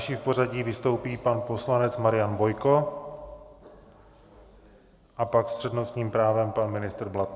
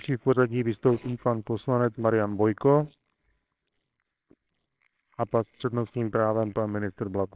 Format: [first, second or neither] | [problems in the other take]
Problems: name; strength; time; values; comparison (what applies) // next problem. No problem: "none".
first | noise reduction (neural separator model SepFormer WHAMR!)